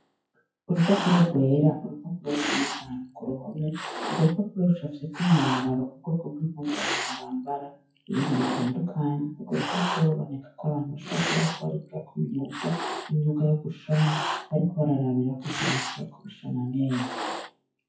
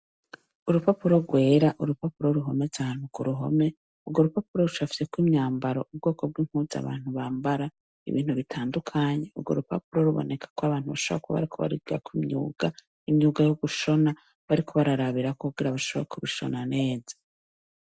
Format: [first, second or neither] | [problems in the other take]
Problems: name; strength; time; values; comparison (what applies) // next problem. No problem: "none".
second | noise reduction (classical method WPE with log-MMSE)